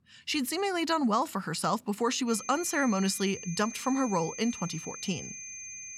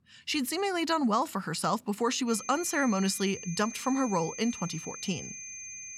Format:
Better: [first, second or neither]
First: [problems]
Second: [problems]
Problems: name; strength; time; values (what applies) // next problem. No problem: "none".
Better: neither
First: high-pitched whine; noticeable; from 2.5 s on; 6.5 kHz, 10 dB below the speech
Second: high-pitched whine; noticeable; from 2.5 s on; 6.5 kHz, 10 dB below the speech